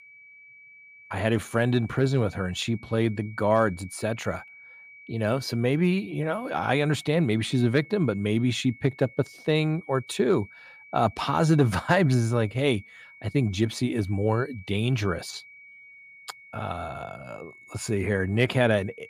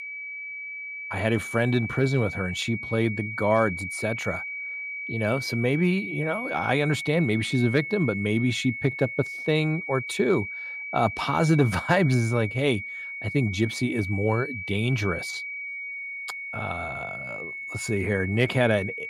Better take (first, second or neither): first